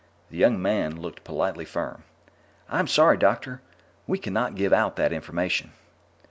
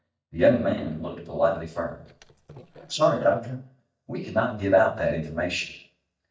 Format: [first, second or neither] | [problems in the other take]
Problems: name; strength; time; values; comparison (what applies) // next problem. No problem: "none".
first | noise reduction (neural mask model DeepFilterNet 3)